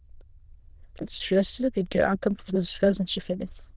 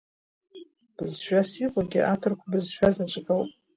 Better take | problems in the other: second | noise reduction (neural diffusion model UNIVERSE++)

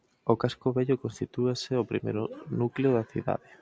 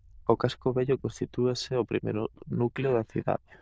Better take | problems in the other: first | noise reduction (neural diffusion model UNIVERSE++)

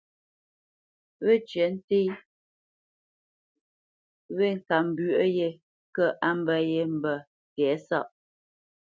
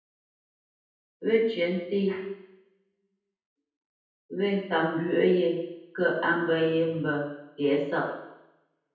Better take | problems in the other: first | room echo; dies away in 0.9 s

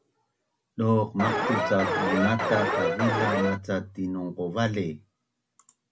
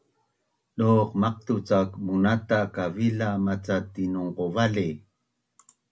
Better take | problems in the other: second | background sound (Alarm); 2 dB above the speech

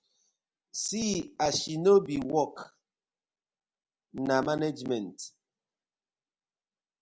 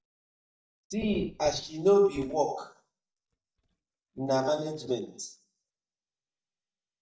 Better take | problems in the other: first | noise reduction (neural mask model DeepFilterNet 3)

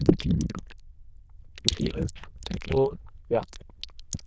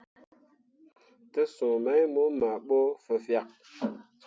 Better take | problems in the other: second | noise reduction (neural diffusion model UNIVERSE++)

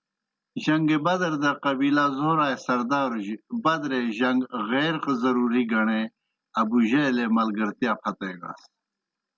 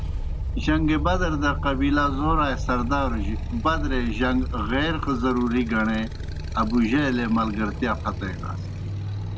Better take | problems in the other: first | background sound (Motorcycle); 3 dB below the speech

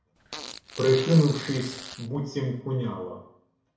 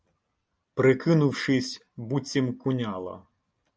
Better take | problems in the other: second | background sound (Fart); 13 dB below the speech // room echo; dies away in 0.6 s

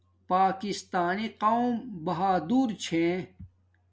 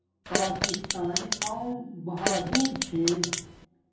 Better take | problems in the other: first | background sound (Fart); 1 dB above the speech // room echo; dies away in 0.7 s

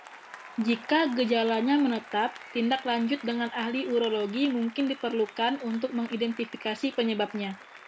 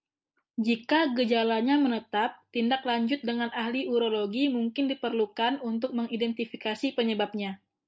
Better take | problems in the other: second | background sound (Applause); 18 dB below the speech

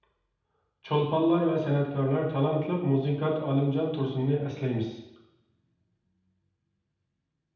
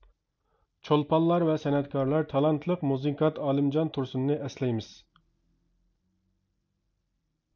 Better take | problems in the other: second | room echo; dies away in 0.9 s

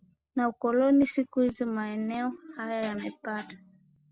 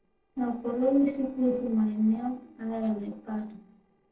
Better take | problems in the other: first | noise reduction (neural separator model SepFormer DNS4)

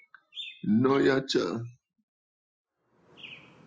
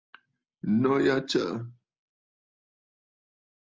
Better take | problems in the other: second | noise reduction (classical method Wiener filter)

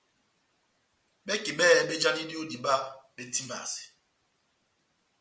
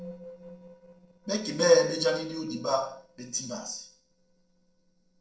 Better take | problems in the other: first | noise reduction (neural separator model SepFormer DNS4)

